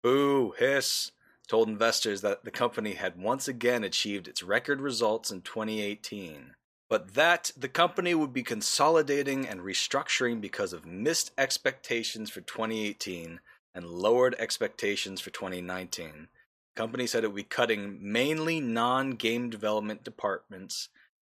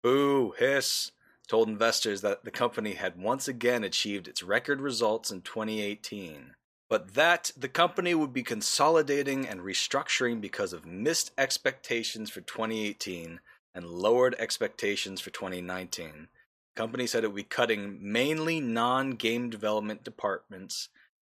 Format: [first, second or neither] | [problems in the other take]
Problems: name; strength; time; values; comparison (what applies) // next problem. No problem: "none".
neither | thin; very slightly; fading below 300 Hz; the same in both